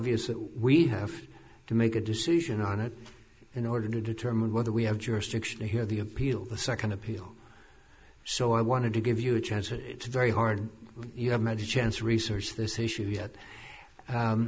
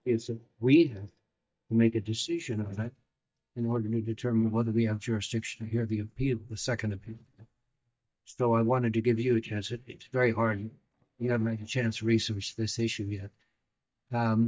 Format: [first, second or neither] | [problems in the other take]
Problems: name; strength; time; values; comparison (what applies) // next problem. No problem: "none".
first | noise reduction (neural mask model DeepFilterNet 3)